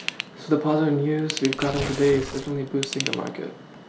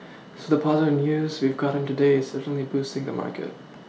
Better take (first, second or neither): second